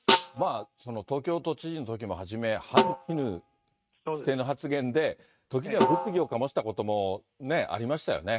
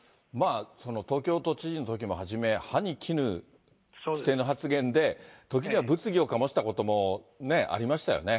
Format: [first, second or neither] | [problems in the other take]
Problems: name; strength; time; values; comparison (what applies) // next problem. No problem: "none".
second | noise reduction (neural mask model RNNoise)